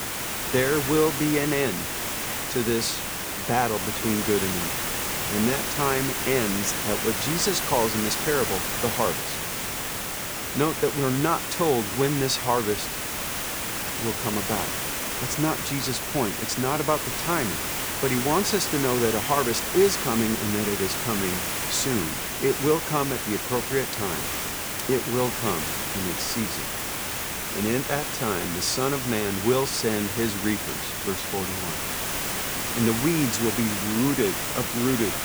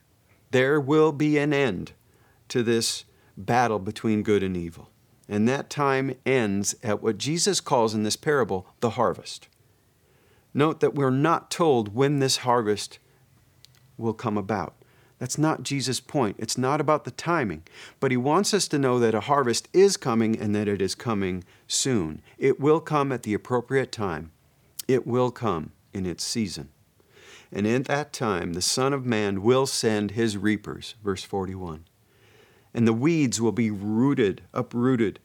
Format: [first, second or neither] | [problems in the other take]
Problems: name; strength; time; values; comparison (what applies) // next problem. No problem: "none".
second | hiss; loud; throughout; 1 dB below the speech